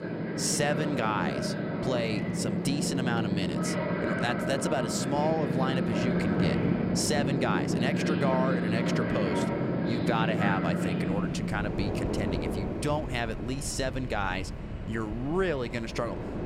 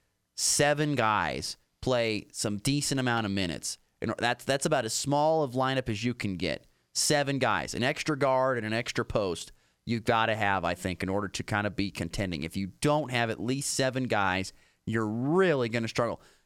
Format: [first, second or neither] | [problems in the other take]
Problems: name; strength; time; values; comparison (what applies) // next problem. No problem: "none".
second | train or aircraft noise; very loud; throughout; 2 dB above the speech